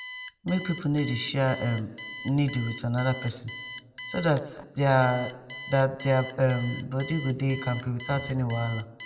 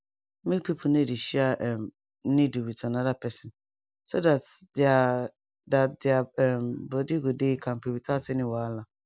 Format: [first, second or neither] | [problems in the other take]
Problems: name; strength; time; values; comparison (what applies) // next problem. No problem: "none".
second | background sound (Alarm); 14 dB below the speech // room echo; dies away in 0.9 s